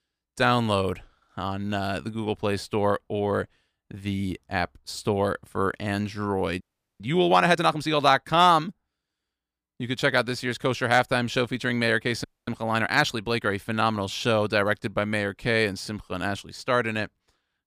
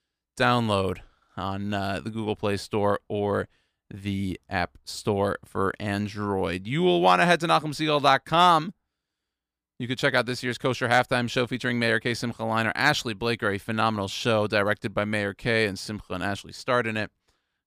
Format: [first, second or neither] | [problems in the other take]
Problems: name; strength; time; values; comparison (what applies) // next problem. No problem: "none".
second | audio freezing; at 6.5 s and at 12 s